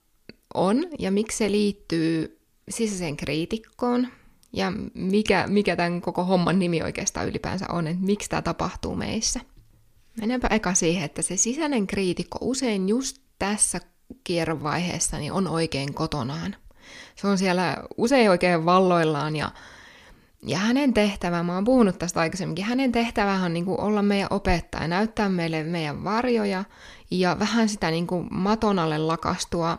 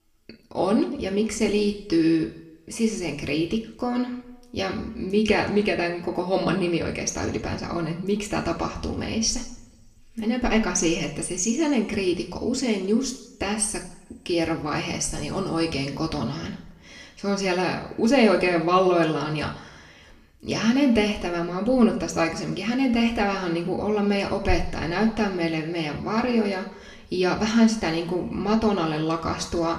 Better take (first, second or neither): first